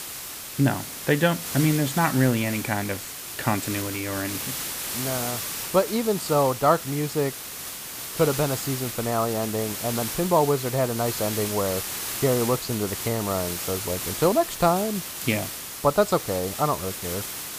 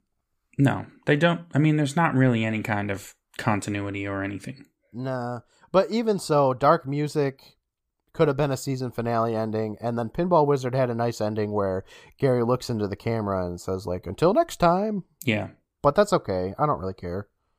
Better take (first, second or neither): second